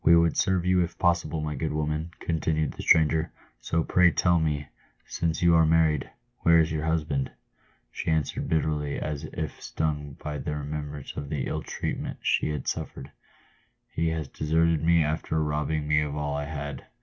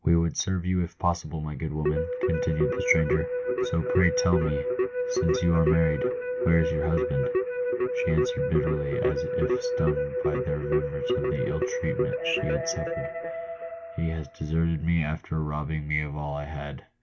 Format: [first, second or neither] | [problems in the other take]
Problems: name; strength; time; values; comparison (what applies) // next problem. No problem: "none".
first | background sound (Keyboard (musical)); 1 dB below the speech